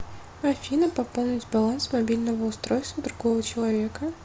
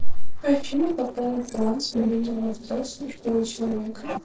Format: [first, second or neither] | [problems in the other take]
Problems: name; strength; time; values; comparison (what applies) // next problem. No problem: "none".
first | noise reduction (neural separator model SepFormer DNS4)